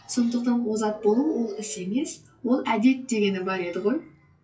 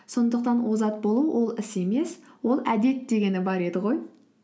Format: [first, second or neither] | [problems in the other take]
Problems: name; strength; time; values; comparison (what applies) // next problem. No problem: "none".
second | noise reduction (classical method WPE with log-MMSE)